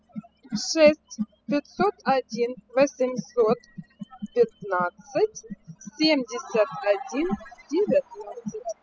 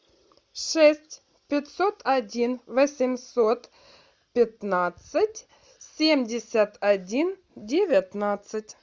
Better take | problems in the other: second | noise reduction (classical method spectral subtraction)

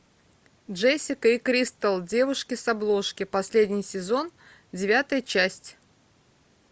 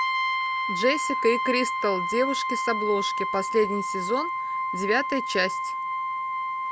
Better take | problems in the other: first | background sound (Brass instrument); as loud as the speech

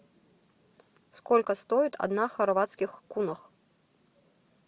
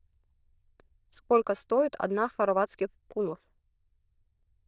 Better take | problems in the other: first | noise reduction (neural diffusion model UNIVERSE++)

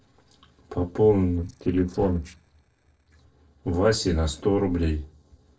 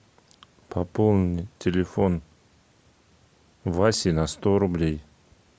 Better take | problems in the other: second | noise reduction (neural separator model SepFormer DNS4)

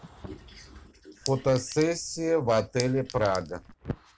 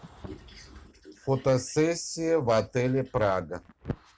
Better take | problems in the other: second | background sound (Chink, clink); 14 dB below the speech

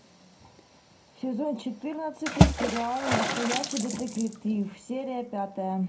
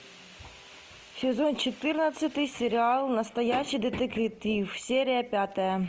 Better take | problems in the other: second | background sound (Water / Splash, splatter); 1 dB above the speech // room echo; dies away in 0.2 s

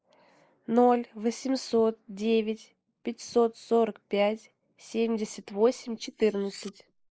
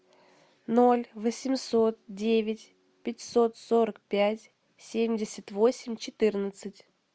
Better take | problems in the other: second | noise reduction (neural mask model Resemble Enhance denoiser)

